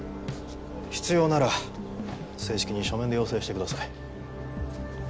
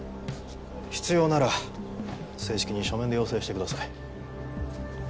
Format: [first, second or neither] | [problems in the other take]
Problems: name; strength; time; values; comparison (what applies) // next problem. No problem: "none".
second | background sound (Guitar); 19 dB below the speech